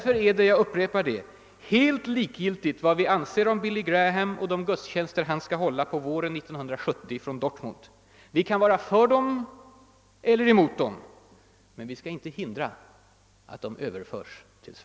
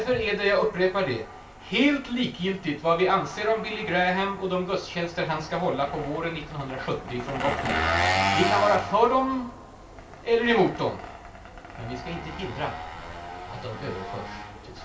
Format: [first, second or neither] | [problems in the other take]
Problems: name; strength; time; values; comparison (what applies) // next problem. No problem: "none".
first | background sound (Engine); 6 dB below the speech // room echo; dies away in 0.3 s